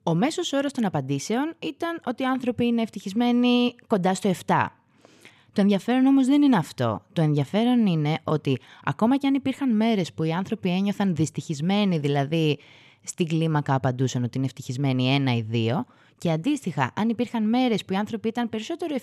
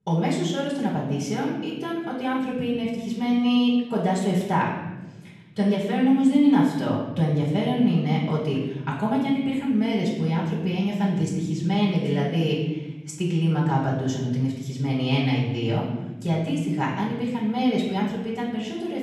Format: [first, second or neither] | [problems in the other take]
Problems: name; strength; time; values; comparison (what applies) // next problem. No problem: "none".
first | room echo; noticeable; dies away in 1.1 s // off-mic speech; far